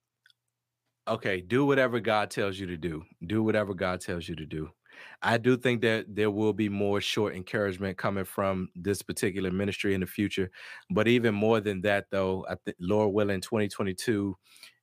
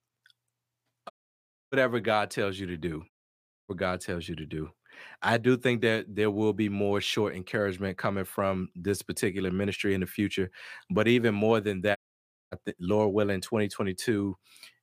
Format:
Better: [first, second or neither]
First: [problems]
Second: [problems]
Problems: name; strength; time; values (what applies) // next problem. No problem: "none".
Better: first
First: none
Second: audio cutting out; at 1 s for 0.5 s, at 3 s for 0.5 s and at 12 s for 0.5 s